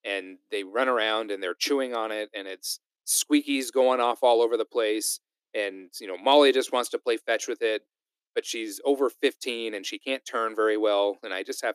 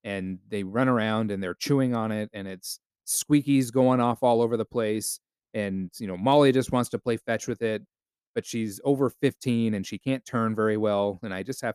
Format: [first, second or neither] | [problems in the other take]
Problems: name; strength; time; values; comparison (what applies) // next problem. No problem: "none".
second | thin; somewhat; fading below 300 Hz